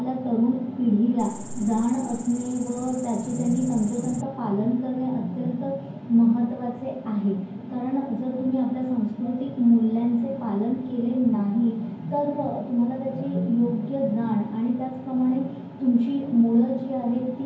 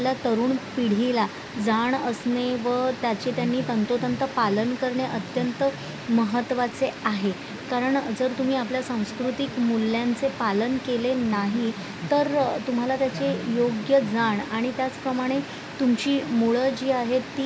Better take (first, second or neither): second